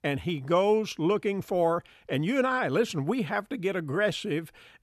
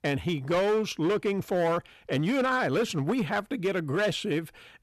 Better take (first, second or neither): first